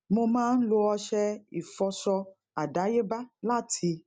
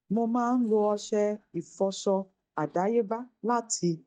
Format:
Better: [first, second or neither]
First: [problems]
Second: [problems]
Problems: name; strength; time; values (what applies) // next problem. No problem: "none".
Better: first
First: none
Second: noise reduction (neural mask model DeepFilterNet 3)